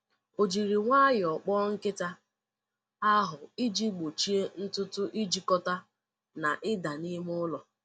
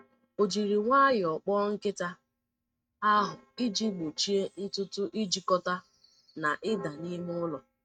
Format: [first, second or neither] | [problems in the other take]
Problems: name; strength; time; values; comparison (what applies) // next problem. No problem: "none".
first | noise reduction (neural mask model RNNoise)